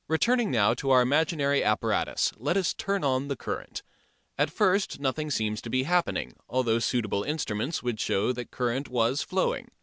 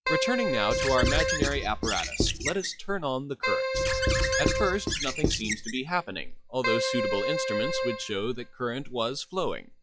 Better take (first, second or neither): first